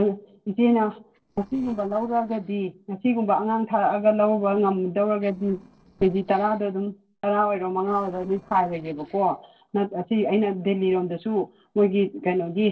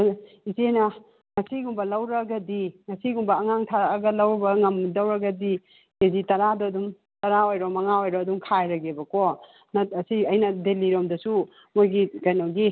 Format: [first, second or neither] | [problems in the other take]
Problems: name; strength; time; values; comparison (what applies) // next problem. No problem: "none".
second | noise reduction (neural separator model SepFormer DNS4)